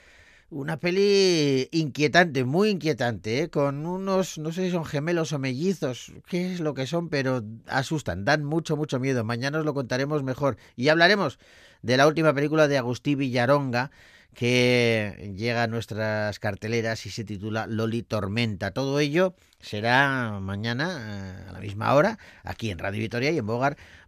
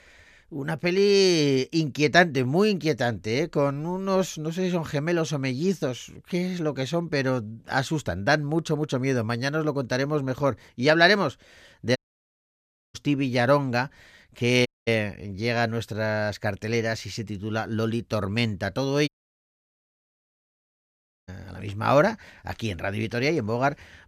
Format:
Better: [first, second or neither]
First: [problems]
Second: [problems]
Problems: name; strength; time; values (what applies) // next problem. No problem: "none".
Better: first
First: none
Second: audio cutting out; at 12 s for 1 s, at 15 s and at 19 s for 2 s